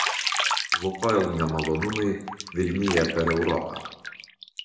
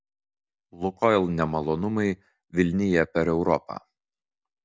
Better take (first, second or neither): second